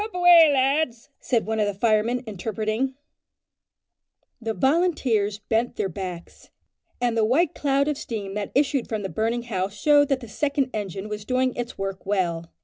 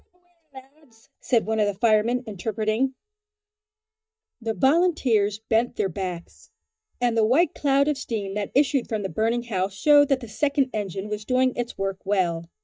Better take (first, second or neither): first